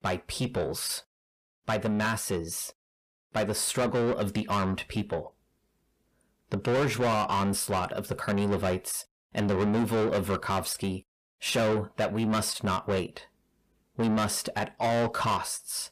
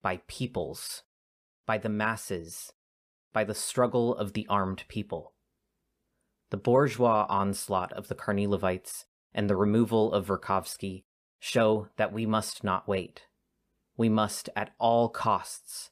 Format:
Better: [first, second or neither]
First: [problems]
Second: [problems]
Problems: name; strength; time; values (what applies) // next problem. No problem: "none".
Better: second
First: distortion; heavy; 6 dB below the speech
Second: none